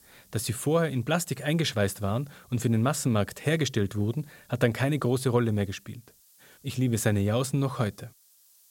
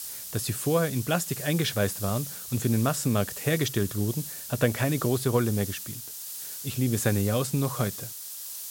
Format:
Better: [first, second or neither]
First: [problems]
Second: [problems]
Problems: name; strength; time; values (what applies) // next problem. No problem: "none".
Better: first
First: hiss; faint; throughout; 30 dB below the speech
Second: hiss; loud; throughout; 8 dB below the speech